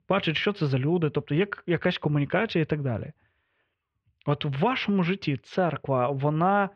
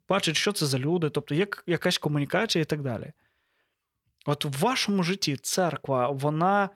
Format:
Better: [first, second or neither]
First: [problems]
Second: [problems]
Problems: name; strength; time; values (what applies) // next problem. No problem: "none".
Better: second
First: muffled; very; fading above 3 kHz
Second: none